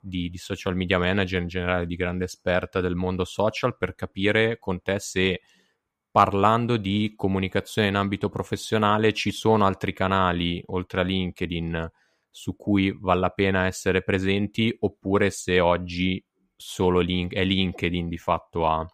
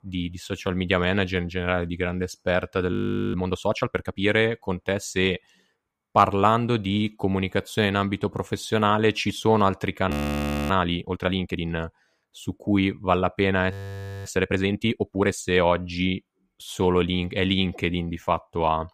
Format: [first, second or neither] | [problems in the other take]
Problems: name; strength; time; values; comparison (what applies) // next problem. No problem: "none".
first | audio freezing; at 3 s, at 10 s for 0.5 s and at 14 s for 0.5 s